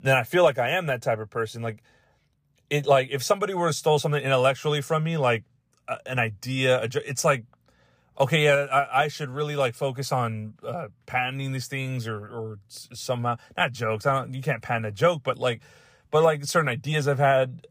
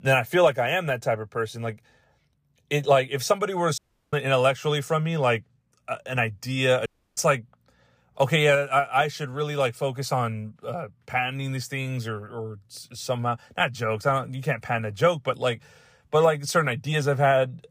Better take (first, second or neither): first